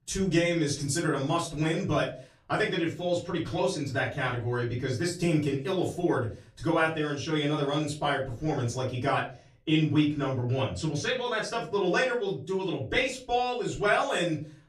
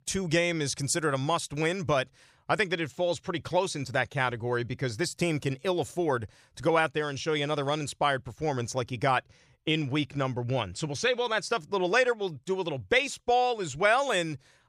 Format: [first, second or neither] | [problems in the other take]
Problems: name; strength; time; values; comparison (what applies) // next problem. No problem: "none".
second | off-mic speech; far // room echo; slight; dies away in 0.3 s